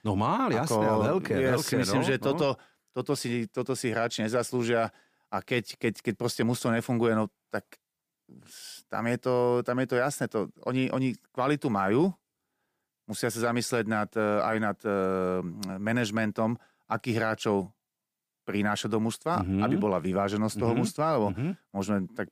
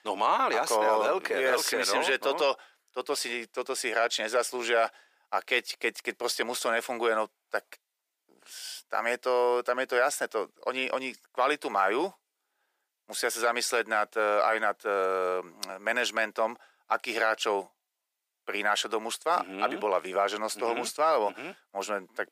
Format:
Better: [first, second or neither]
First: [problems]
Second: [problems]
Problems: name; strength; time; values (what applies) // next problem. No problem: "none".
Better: first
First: none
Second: thin; very; fading below 500 Hz